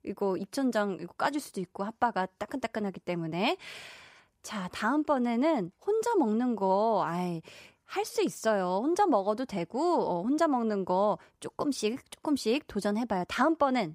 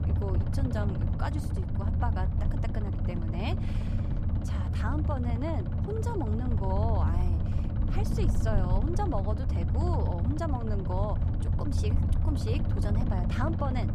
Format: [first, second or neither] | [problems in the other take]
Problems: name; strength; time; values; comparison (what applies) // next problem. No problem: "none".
first | low rumble; loud; throughout; 4 dB below the speech